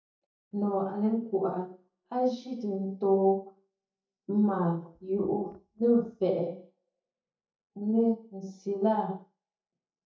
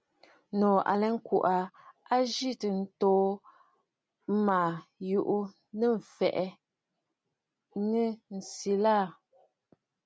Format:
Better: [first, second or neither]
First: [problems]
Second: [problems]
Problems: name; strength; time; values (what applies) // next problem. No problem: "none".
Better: second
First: noise reduction (neural mask model DeepFilterNet 3)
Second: none